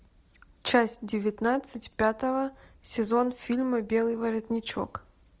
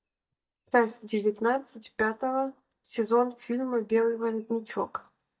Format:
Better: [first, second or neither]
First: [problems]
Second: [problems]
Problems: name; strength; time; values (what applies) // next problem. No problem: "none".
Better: first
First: none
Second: noise reduction (neural mask model DeepFilterNet 3)